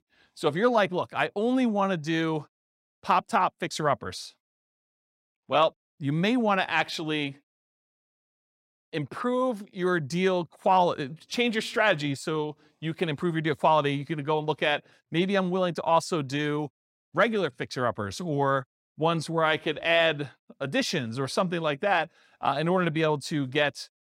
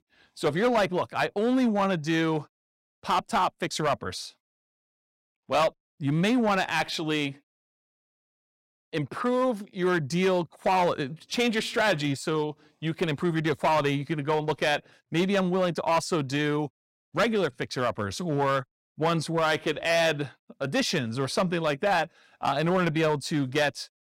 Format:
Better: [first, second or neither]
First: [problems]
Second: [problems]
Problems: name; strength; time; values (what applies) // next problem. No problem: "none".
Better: first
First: none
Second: distortion; slight; 6% of the sound clipped